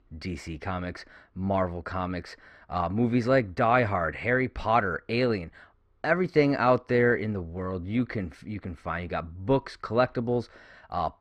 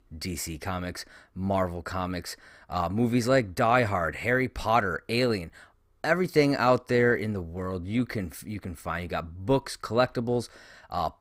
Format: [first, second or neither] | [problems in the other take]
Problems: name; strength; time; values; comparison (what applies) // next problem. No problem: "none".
second | muffled; very slightly; fading above 3 kHz